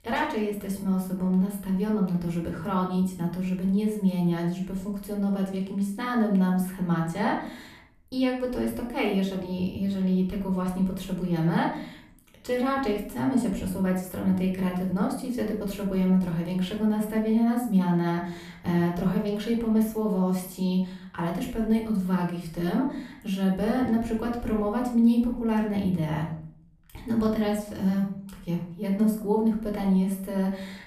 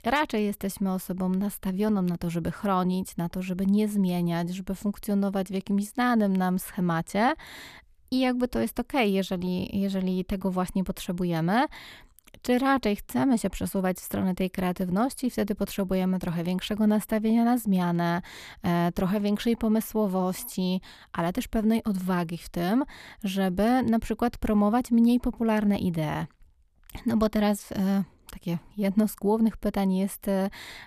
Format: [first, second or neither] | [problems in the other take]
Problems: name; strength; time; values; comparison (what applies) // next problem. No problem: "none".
second | off-mic speech; somewhat distant // room echo; noticeable; dies away in 0.5 s